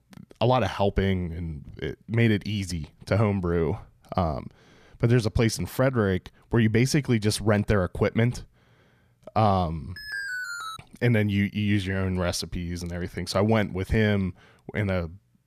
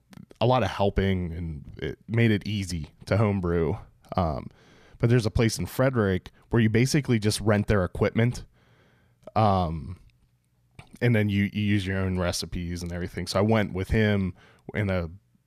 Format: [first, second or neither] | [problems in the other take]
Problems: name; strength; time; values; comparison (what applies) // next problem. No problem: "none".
second | alarm; noticeable; at 10 s; peak 5 dB below the speech